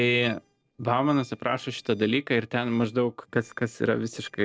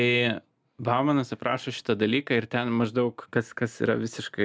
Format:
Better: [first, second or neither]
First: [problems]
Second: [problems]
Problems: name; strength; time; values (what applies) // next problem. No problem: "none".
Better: second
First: noise reduction (neural separator model SepFormer DNS4)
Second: none